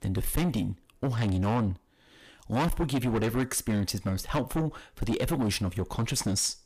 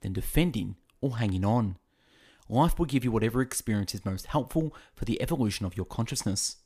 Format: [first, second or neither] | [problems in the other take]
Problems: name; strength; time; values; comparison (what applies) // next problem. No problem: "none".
second | distortion; heavy; 6 dB below the speech